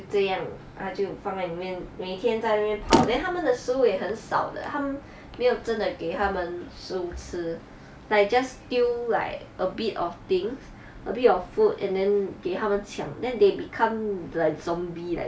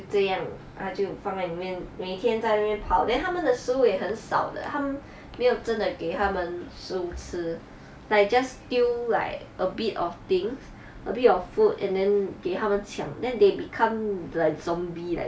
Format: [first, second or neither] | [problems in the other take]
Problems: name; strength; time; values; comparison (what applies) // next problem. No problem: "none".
second | background sound (Motor vehicle (road)); 1 dB below the speech